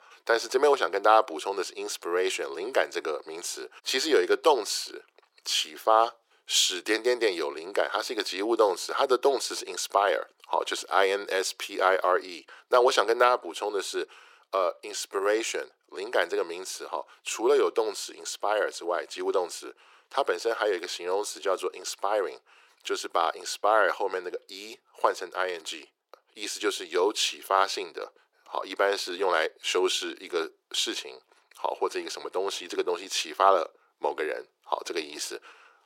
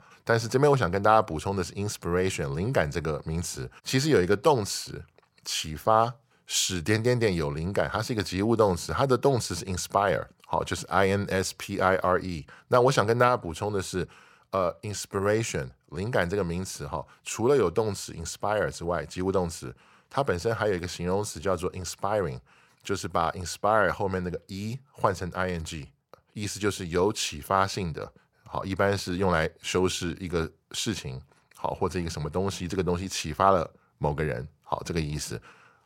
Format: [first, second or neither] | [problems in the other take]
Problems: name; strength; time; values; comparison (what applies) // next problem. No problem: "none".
second | thin; very; fading below 350 Hz